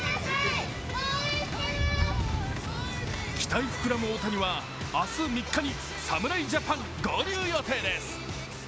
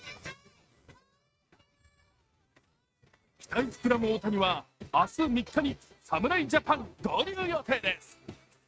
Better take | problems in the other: first | noise reduction (neural mask model RNNoise)

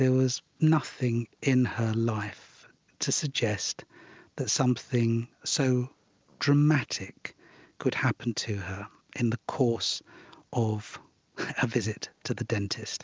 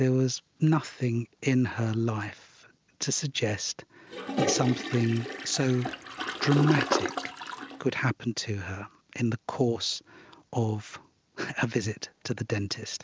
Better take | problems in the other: first | background sound (Toilet flush); 3 dB below the speech

